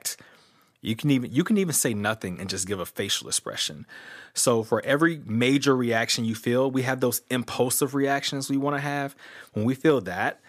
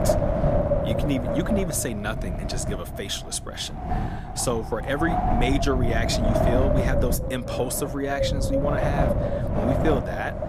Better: first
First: none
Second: wind noise on the microphone; heavy; 2 dB above the speech

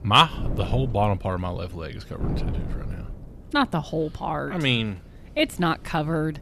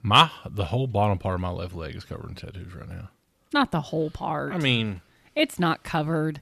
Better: second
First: wind noise on the microphone; occasional gusts; 20 dB below the speech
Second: none

